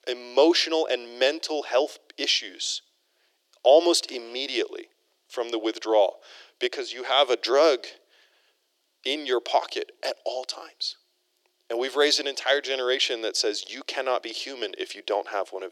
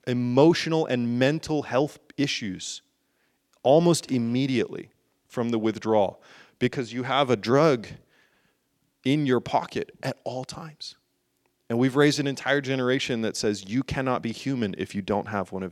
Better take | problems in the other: second | thin; very; fading below 350 Hz

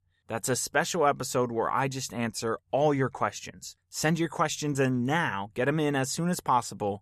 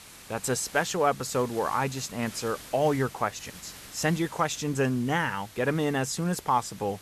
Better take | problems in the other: first | hiss; noticeable; throughout; 15 dB below the speech

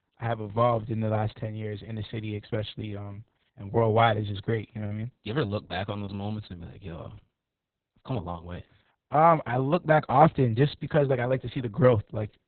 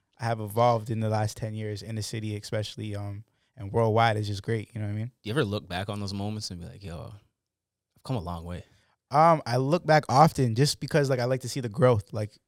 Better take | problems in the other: second | garbled, watery; badly; nothing above 4 kHz

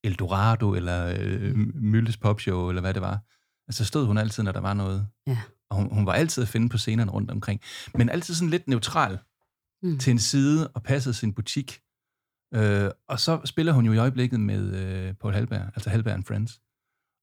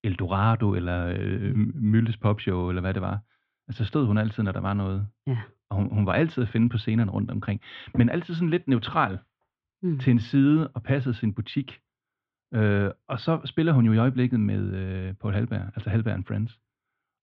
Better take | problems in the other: first | muffled; very; fading above 3.5 kHz

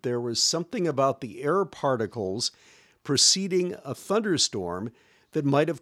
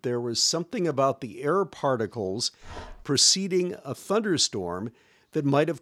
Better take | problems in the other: first | dog barking; faint; at 2.5 s; peak 20 dB below the speech

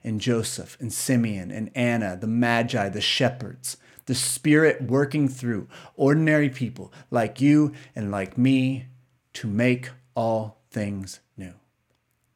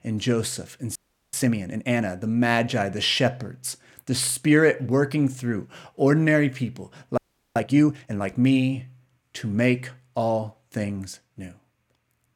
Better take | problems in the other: first | audio freezing; at 1 s and at 7 s

